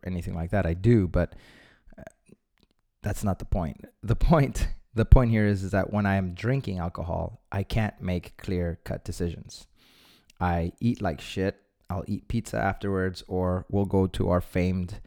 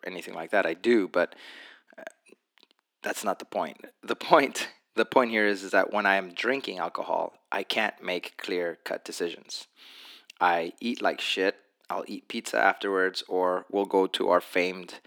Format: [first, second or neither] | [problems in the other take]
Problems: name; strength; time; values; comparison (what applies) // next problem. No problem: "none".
first | thin; very; fading below 300 Hz